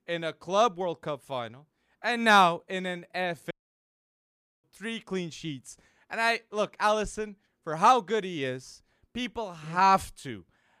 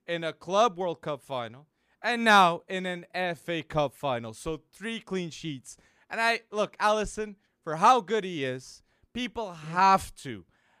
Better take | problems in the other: second | audio cutting out; at 3.5 s for 1 s

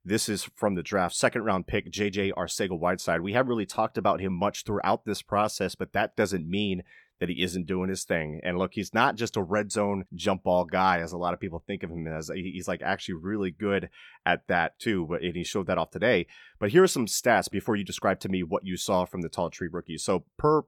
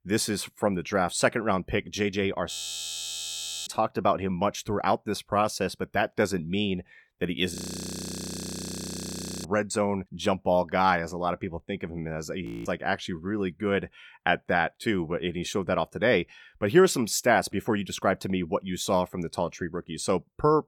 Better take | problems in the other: first | audio freezing; at 2.5 s for 1 s, at 7.5 s for 2 s and at 12 s

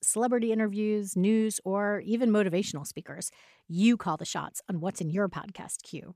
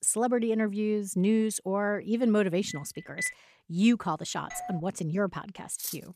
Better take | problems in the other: first | phone ringing; noticeable; at 2.5 s; peak 6 dB below the speech // doorbell; faint; at 4.5 s; peak 10 dB below the speech // clattering dishes; noticeable; at 5.5 s; peak 8 dB below the speech

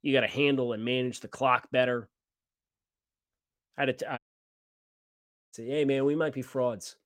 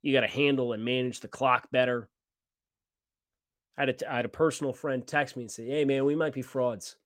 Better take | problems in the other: second | audio cutting out; at 4 s for 1.5 s

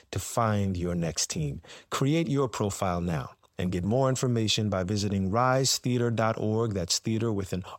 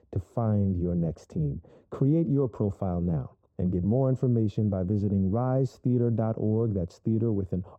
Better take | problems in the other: first | muffled; very; fading above 1 kHz

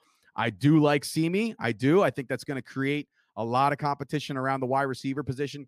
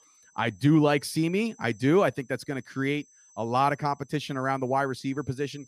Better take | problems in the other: first | high-pitched whine; faint; throughout; 6 kHz, 30 dB below the speech

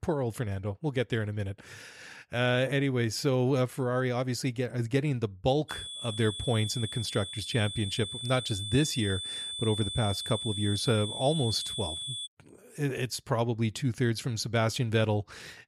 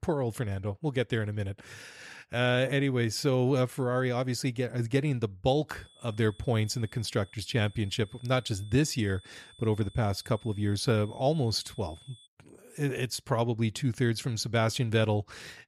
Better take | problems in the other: second | high-pitched whine; loud; from 5.5 to 12 s; 3.5 kHz, 5 dB below the speech; faint in the second

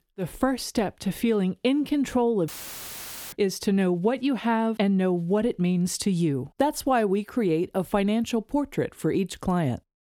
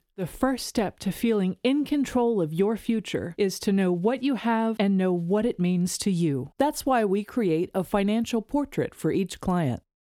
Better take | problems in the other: second | audio cutting out; filled with static; at 2.5 s for 1 s

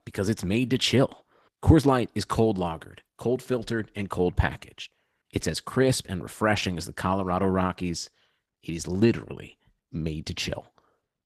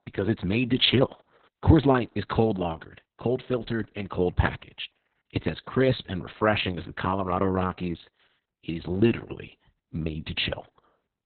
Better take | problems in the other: first | garbled, watery; badly; nothing above 4 kHz; slightly in the first

